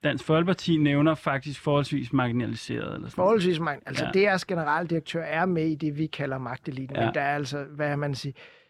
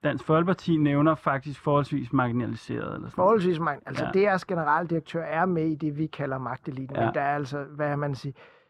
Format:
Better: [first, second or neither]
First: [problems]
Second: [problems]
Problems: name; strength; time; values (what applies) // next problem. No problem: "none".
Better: first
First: none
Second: muffled; slightly; fading above 1.5 kHz